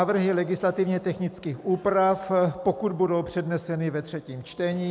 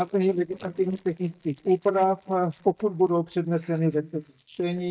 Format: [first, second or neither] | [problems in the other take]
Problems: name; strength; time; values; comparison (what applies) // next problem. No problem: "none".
first | noise reduction (neural mask model DeepFilterNet 3)